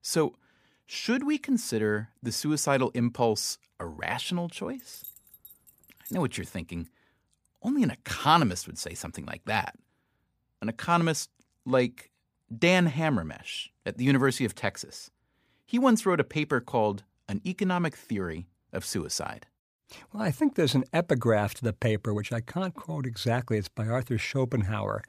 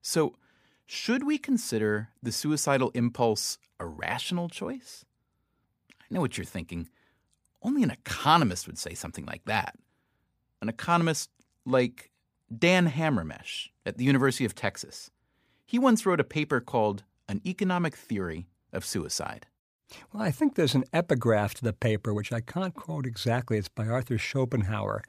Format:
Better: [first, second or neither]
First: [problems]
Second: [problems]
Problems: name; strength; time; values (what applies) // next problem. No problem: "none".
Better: second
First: jangling keys; faint; from 5 to 6 s; peak 15 dB below the speech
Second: none